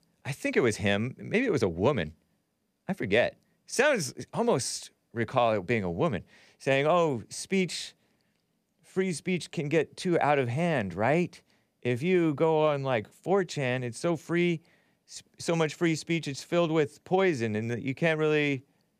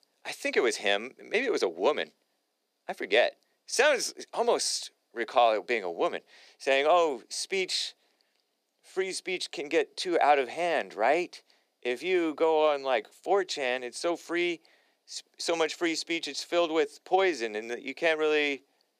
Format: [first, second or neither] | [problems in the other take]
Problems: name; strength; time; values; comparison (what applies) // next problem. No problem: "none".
first | thin; very; fading below 350 Hz